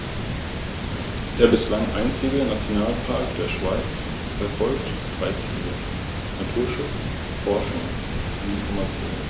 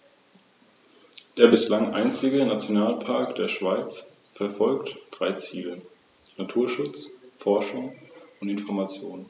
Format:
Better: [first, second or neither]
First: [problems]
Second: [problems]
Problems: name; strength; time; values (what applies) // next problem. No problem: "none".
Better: second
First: background sound (Water); 1 dB below the speech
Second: none